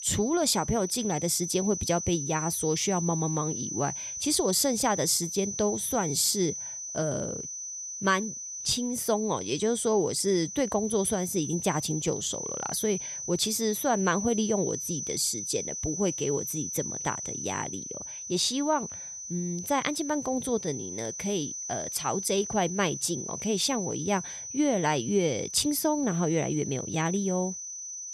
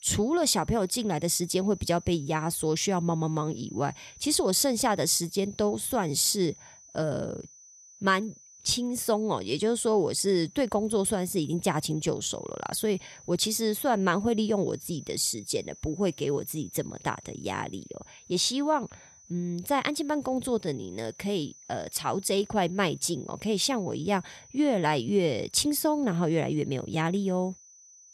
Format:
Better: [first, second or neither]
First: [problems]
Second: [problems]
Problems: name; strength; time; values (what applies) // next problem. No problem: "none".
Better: second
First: high-pitched whine; loud; throughout; 6 kHz, 6 dB below the speech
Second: high-pitched whine; faint; throughout; 6 kHz, 20 dB below the speech